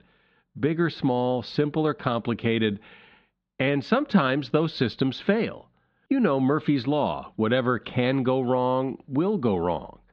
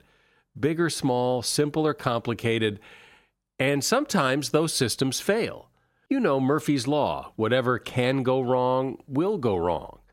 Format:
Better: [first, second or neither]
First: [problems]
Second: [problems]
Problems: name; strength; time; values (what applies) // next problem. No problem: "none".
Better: second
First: muffled; slightly; fading above 4 kHz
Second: none